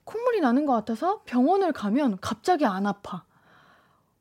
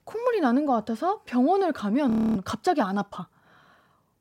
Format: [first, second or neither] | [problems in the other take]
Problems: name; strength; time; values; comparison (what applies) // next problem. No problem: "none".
first | audio freezing; at 2 s